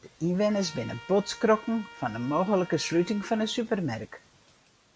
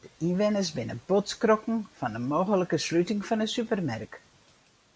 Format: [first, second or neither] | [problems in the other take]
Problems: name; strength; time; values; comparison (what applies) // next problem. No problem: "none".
second | background sound (Trumpet); 20 dB below the speech